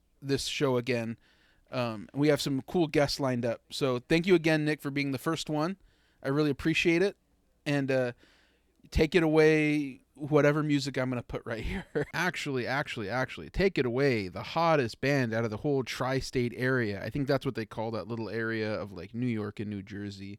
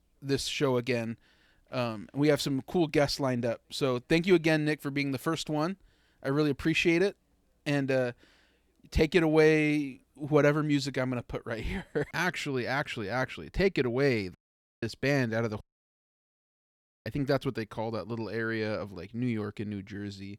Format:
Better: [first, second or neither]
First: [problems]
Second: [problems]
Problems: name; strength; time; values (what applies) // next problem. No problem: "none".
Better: first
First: none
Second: audio cutting out; at 14 s and at 16 s for 1.5 s